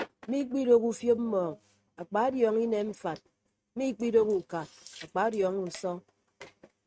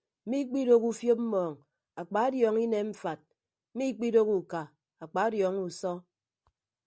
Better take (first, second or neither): second